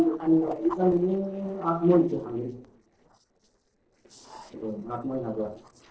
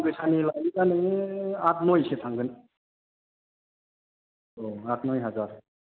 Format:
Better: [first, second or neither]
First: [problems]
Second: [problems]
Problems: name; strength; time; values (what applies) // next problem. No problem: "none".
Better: second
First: noise reduction (neural separator model SepFormer DNS4)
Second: none